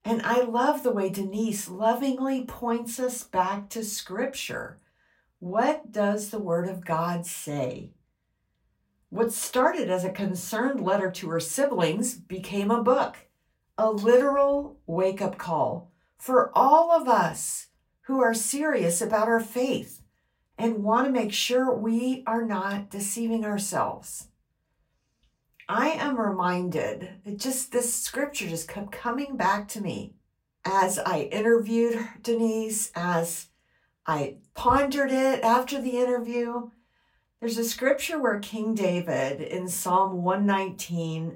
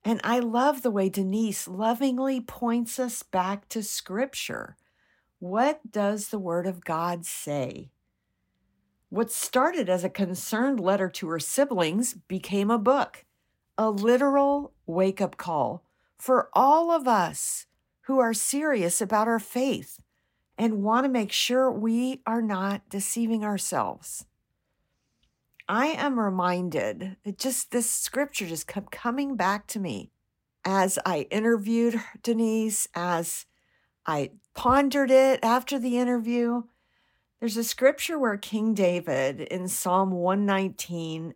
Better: second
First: off-mic speech; far // room echo; very slight; dies away in 0.2 s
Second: none

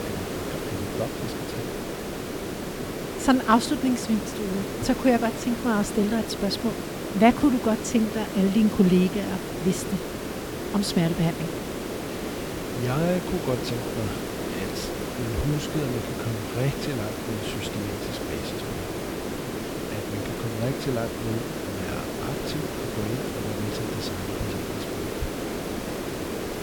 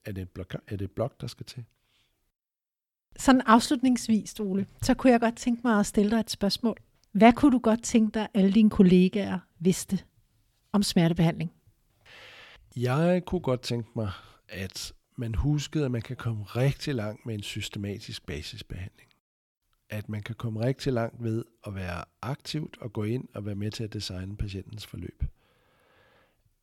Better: second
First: hiss; loud; throughout; 4 dB below the speech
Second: none

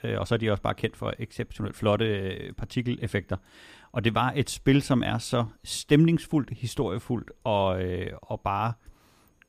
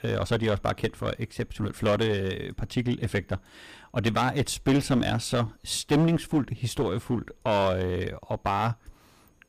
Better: first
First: none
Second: distortion; heavy; 6% of the sound clipped

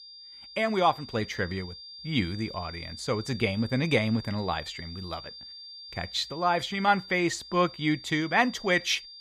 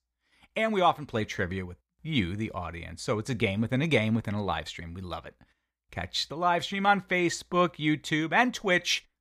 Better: second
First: high-pitched whine; noticeable; throughout; 4.5 kHz, 15 dB below the speech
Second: none

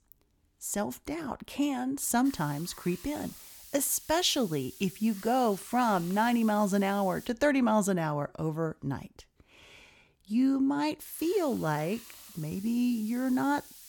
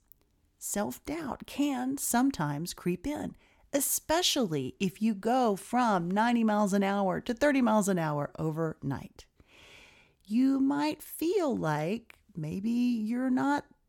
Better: second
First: hiss; noticeable; from 2.5 to 7.5 s and from 11 s on; 15 dB below the speech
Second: none

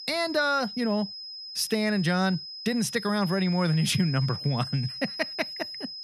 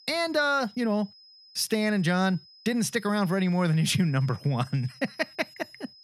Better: second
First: high-pitched whine; loud; throughout; 5 kHz, 9 dB below the speech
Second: high-pitched whine; faint; throughout; 5 kHz, 25 dB below the speech

